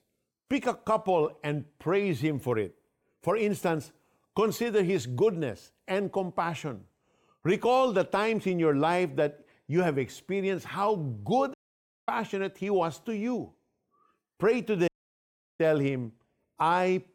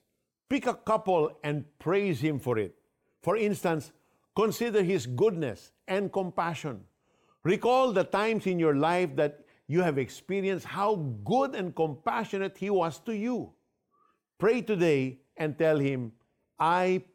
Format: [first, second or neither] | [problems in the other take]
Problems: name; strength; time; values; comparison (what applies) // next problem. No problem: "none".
second | audio cutting out; at 12 s for 0.5 s and at 15 s for 0.5 s